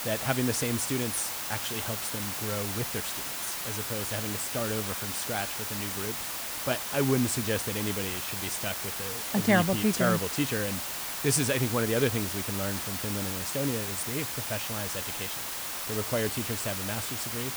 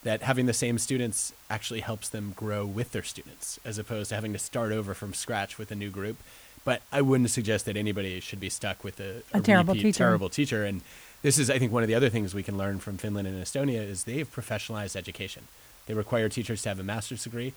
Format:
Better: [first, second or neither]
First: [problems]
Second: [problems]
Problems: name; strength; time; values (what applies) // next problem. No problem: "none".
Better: second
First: hiss; loud; throughout; 1 dB below the speech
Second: hiss; faint; throughout; 20 dB below the speech